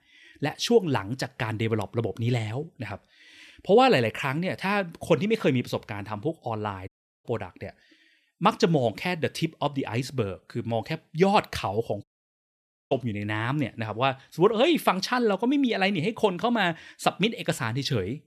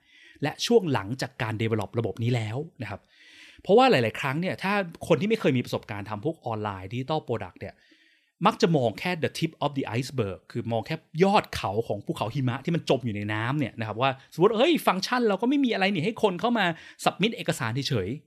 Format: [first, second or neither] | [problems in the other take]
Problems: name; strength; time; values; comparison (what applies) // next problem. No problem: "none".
second | audio cutting out; at 7 s and at 12 s for 1 s